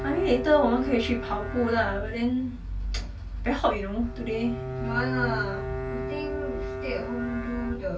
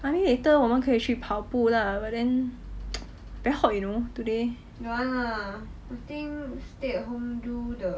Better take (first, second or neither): second